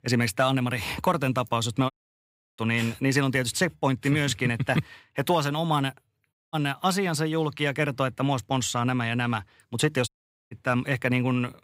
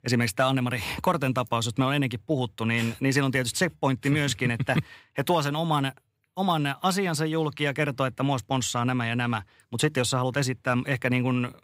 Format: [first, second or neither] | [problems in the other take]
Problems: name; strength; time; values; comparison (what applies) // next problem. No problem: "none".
second | audio cutting out; at 2 s for 0.5 s, at 6.5 s and at 10 s